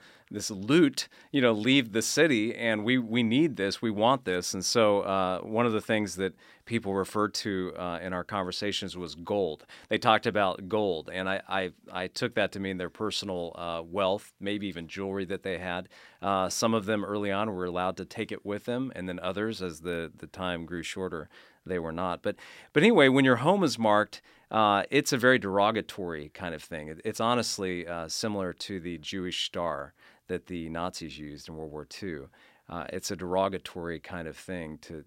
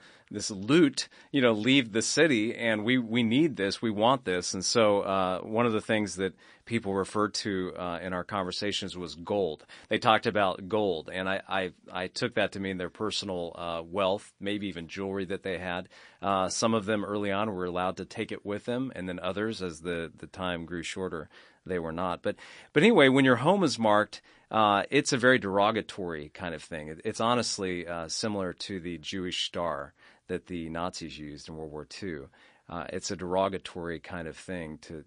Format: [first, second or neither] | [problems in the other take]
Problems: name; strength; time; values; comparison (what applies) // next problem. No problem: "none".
first | garbled, watery; slightly; nothing above 10 kHz